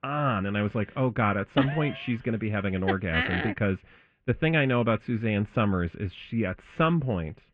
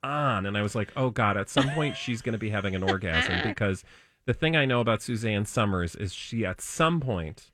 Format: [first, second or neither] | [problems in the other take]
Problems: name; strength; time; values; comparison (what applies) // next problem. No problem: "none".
second | muffled; very; fading above 2.5 kHz